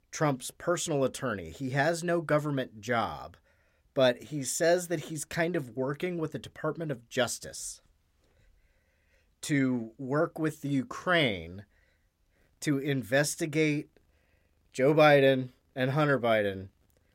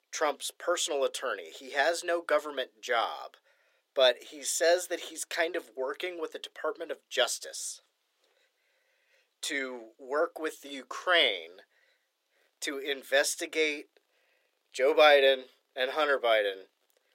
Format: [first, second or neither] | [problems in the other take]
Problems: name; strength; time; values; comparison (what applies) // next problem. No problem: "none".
first | thin; very; fading below 400 Hz